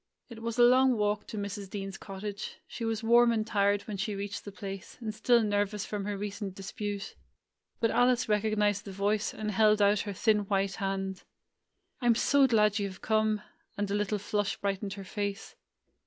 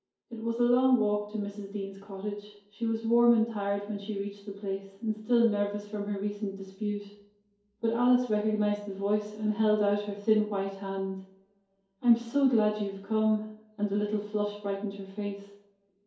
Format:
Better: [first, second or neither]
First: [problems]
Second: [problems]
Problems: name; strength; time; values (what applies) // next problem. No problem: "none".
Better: first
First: none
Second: room echo; dies away in 2.4 s